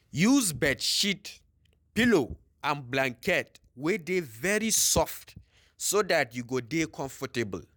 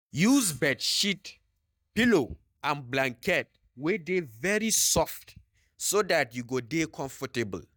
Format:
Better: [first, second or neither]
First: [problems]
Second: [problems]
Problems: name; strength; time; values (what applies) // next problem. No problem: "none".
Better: first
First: none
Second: noise reduction (neural mask model DeepFilterNet 3)